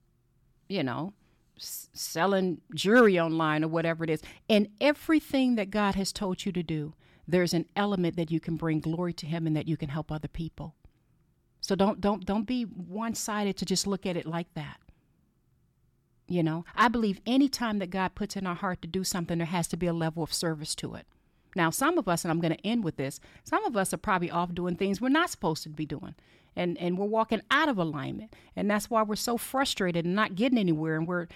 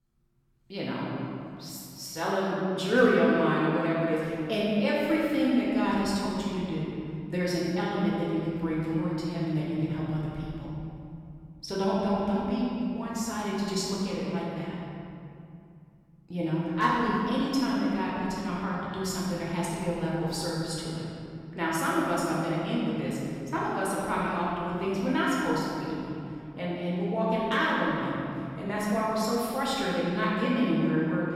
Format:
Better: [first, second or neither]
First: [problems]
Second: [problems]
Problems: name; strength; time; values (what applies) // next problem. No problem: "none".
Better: first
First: none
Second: room echo; strong; dies away in 2.4 s // off-mic speech; far